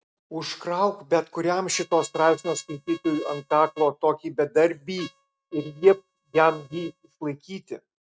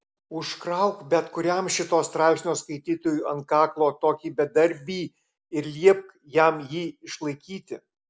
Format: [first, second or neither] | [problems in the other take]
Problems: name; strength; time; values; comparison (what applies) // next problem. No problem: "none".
second | noise reduction (neural mask model RNNoise)